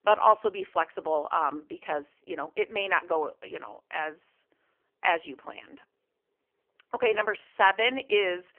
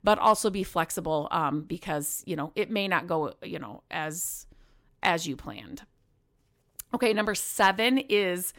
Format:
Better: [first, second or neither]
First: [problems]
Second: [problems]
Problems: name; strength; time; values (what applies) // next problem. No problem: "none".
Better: second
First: phone-call audio; poor line; nothing above 3 kHz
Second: none